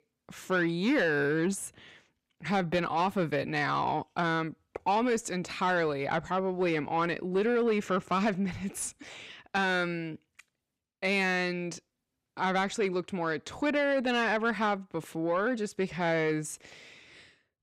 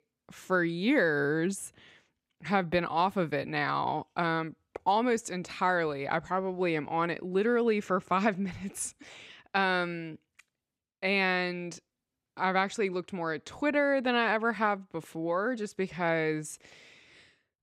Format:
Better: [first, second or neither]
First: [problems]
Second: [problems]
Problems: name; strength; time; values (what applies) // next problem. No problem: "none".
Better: second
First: distortion; slight; 10 dB below the speech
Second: none